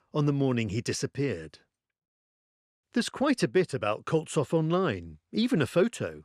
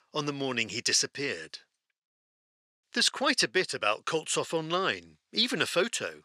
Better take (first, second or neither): first